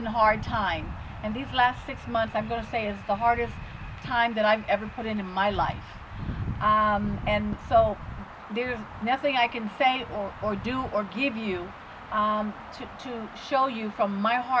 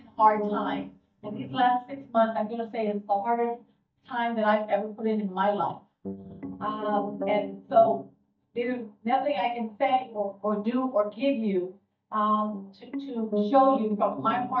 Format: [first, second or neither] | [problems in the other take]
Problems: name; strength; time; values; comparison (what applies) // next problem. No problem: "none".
first | noise reduction (neural mask model DeepFilterNet 3)